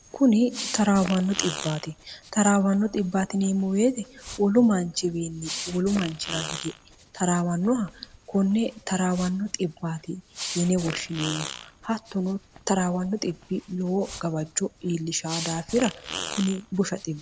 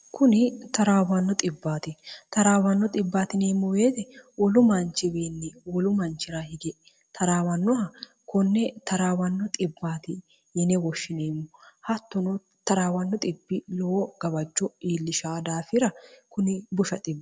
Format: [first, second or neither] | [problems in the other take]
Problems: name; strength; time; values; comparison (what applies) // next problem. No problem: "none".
second | background sound (Fart); 13 dB below the speech